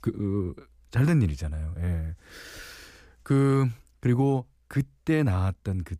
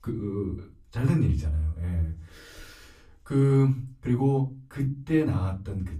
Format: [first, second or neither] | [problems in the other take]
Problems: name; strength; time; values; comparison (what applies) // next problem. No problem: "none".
first | off-mic speech; far // room echo; very slight; dies away in 0.3 s